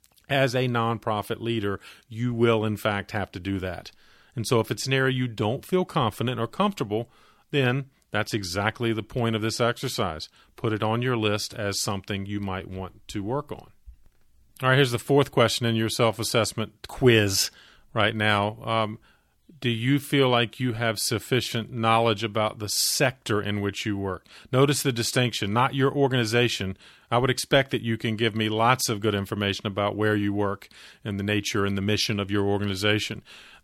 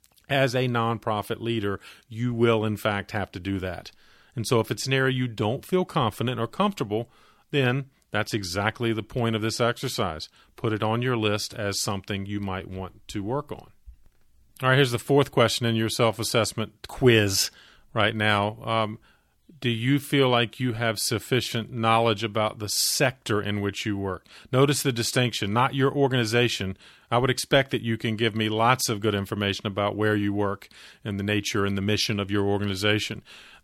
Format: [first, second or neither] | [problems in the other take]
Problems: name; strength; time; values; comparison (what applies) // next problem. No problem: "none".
neither | none